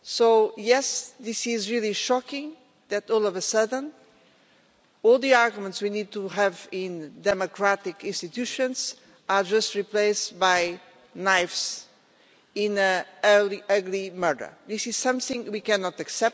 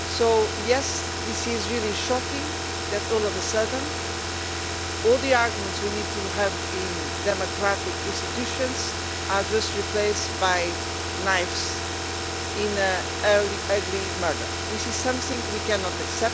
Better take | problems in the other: first | background sound (Car); 2 dB below the speech

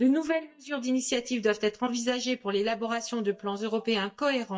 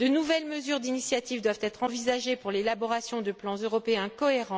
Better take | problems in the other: second | noise reduction (neural mask model DeepFilterNet 3)

